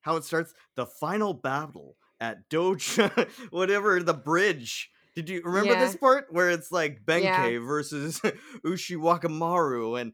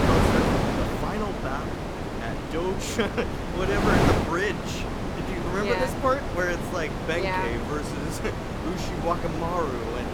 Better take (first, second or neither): first